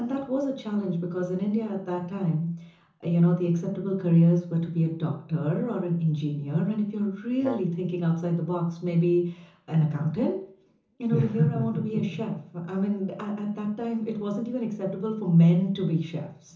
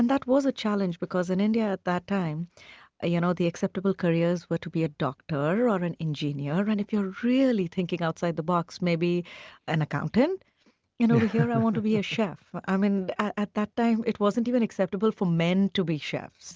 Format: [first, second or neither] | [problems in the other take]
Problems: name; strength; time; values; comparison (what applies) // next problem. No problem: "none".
second | background sound (Brass instrument); 16 dB below the speech // room echo; dies away in 0.7 s